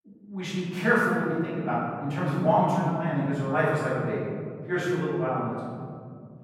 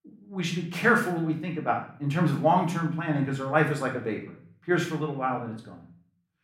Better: second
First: room echo; strong; dies away in 2.9 s // off-mic speech; far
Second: room echo; slight; dies away in 0.4 s // off-mic speech; far

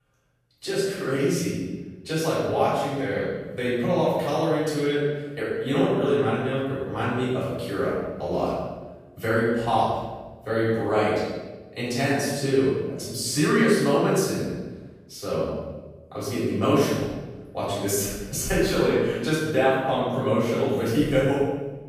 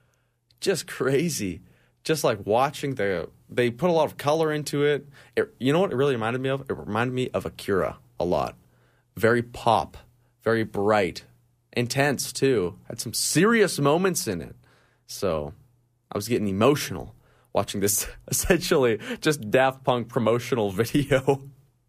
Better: second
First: room echo; strong; dies away in 1.1 s // off-mic speech; far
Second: none

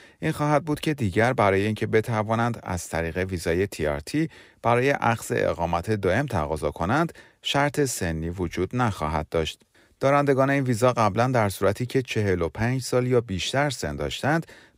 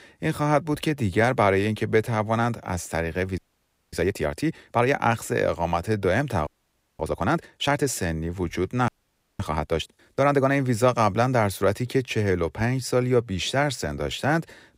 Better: first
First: none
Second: audio freezing; at 3.5 s for 0.5 s, at 6.5 s for 0.5 s and at 9 s for 0.5 s

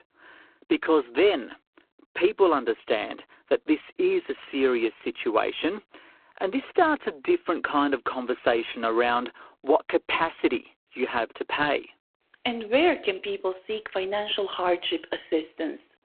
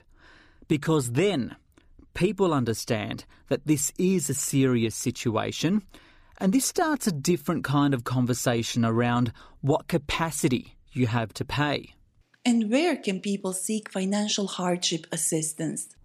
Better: second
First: phone-call audio; poor line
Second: none

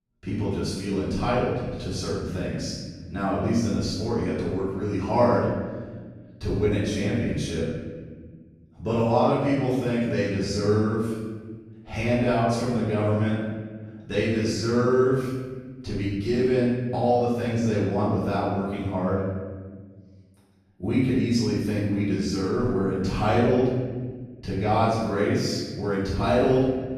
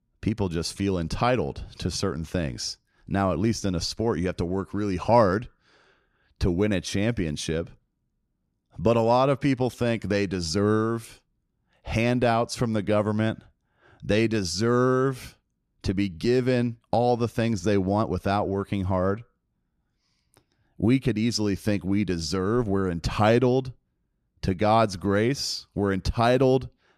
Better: second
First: off-mic speech; far // room echo; strong; dies away in 1.4 s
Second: none

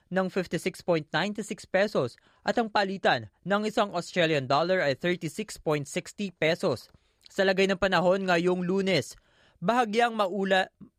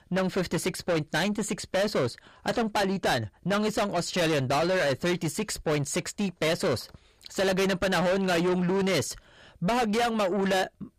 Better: first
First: none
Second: distortion; heavy; 6 dB below the speech

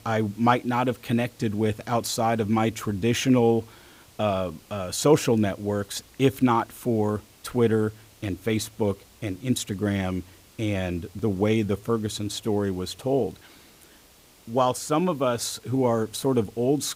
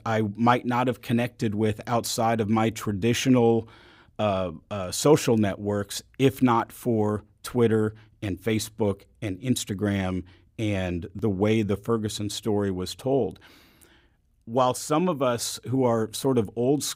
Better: second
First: hiss; faint; throughout; 25 dB below the speech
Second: none

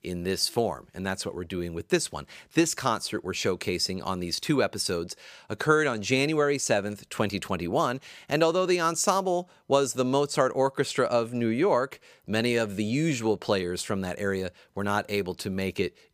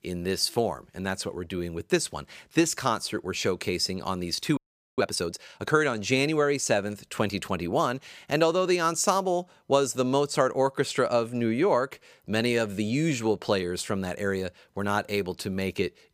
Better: first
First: none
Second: audio freezing; at 4.5 s

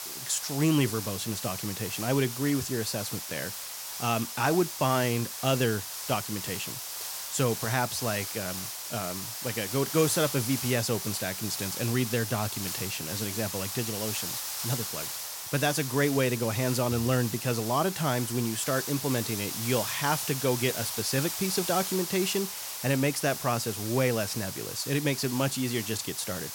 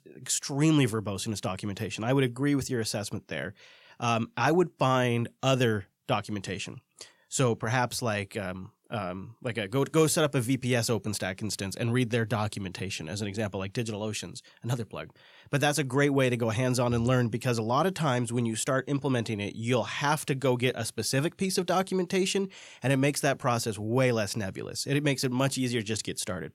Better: second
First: hiss; loud; throughout; 4 dB below the speech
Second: none

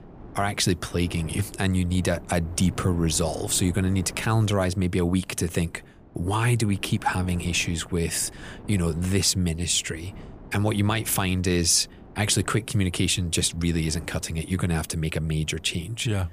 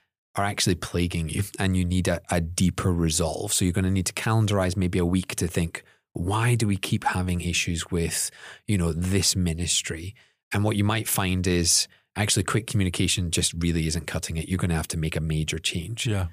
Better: second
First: wind noise on the microphone; occasional gusts; 20 dB below the speech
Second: none

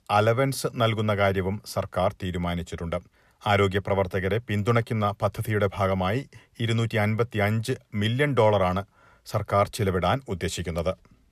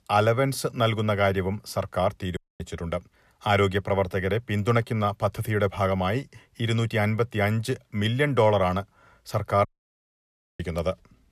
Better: first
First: none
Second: audio cutting out; at 2.5 s and at 9.5 s for 1 s

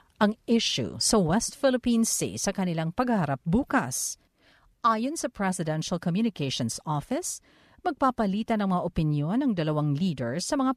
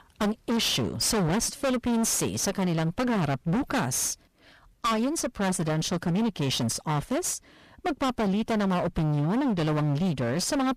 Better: first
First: none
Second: distortion; heavy; 32% of the sound clipped

